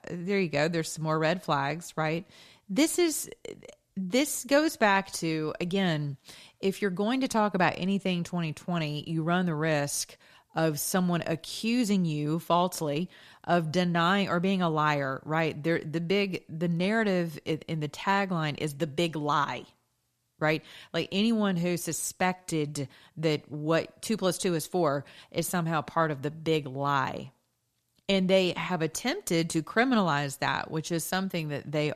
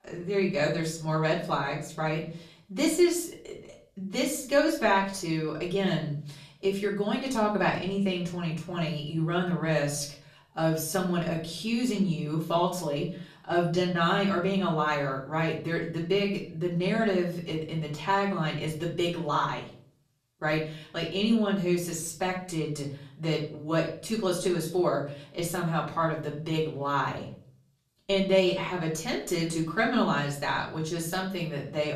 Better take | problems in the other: first | off-mic speech; far // room echo; slight; dies away in 0.5 s

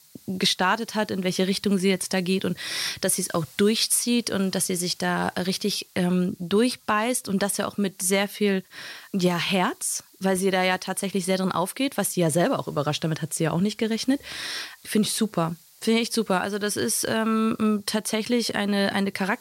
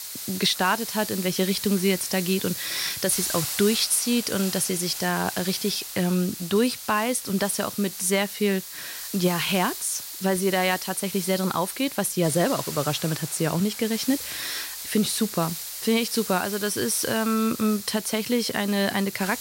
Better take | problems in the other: first | hiss; loud; throughout; 7 dB below the speech; faint in the first

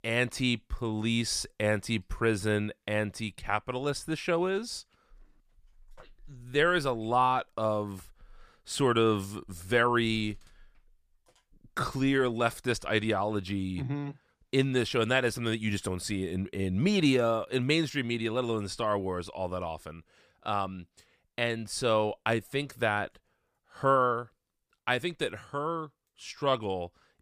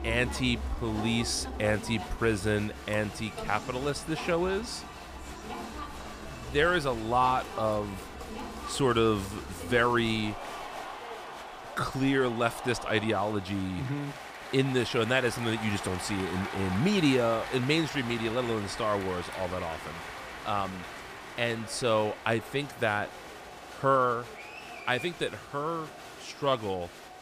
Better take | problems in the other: first | crowd noise; noticeable; throughout; 10 dB below the speech

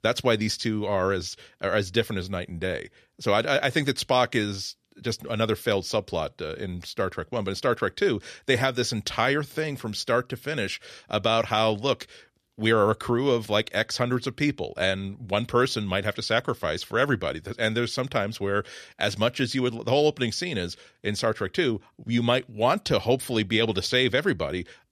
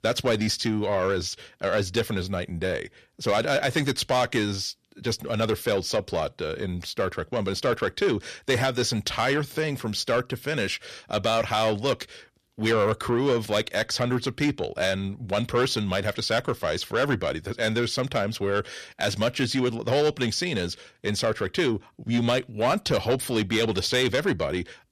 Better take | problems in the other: first | distortion; slight; 10 dB below the speech

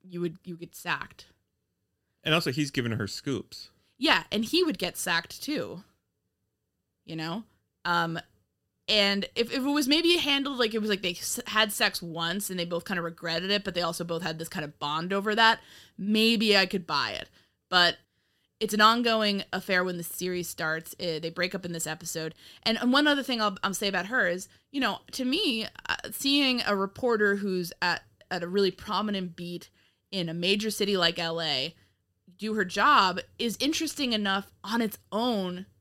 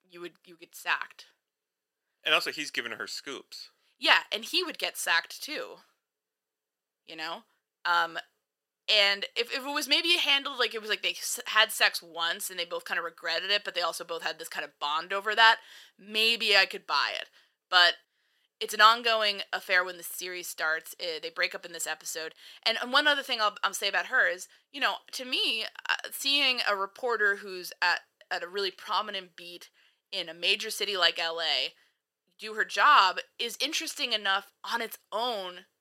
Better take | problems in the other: first | thin; very; fading below 650 Hz

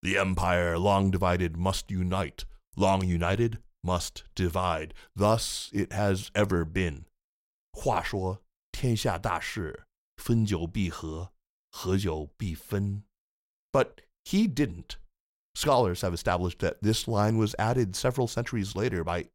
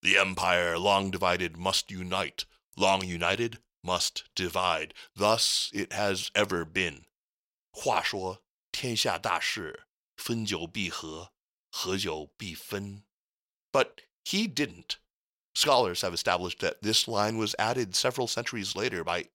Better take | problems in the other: first | thin; somewhat; fading below 500 Hz

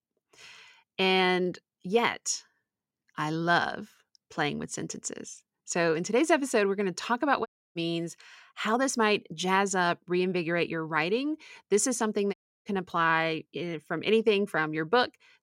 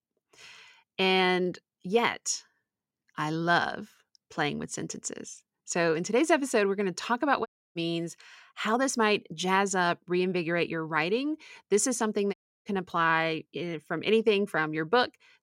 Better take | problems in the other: neither | audio cutting out; at 7.5 s and at 12 s; the same in both

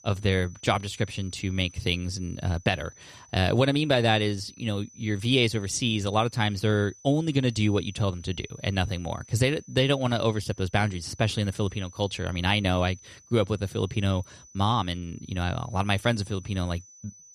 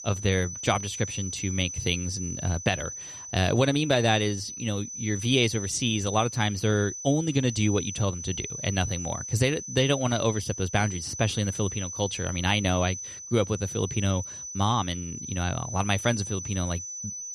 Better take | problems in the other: first | high-pitched whine; loud; throughout; 6 kHz, 8 dB below the speech; faint in the first

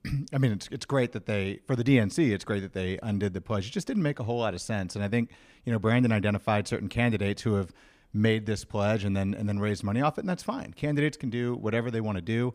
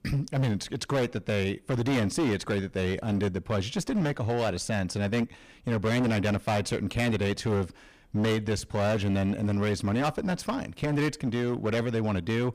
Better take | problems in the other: first | distortion; heavy; 22% of the sound clipped

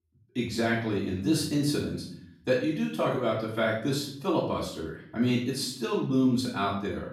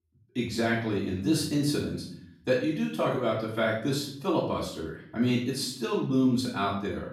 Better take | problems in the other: neither | off-mic speech; far; the same in both // room echo; noticeable; dies away in 0.6 s; the same in both

